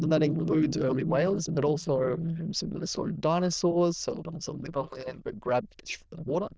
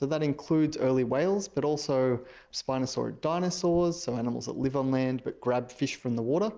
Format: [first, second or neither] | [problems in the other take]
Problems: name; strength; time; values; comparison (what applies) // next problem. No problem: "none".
second | noise reduction (neural diffusion model UNIVERSE++)